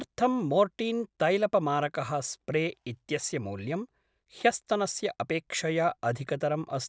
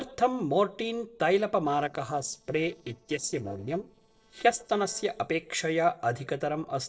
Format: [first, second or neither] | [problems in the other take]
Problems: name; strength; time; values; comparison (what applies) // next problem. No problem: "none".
first | noise reduction (neural separator model SepFormer DNS4)